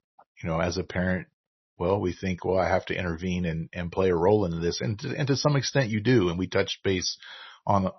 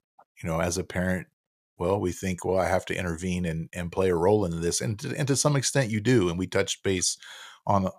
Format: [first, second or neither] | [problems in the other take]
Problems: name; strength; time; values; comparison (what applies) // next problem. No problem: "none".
second | garbled, watery; slightly; nothing above 6 kHz